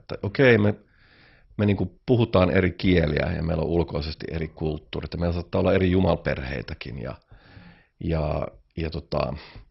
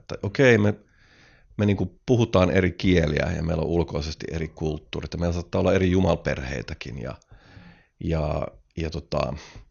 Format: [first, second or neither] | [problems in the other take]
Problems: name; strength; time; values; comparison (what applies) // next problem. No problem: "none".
second | garbled, watery; badly; nothing above 5.5 kHz; slightly in the second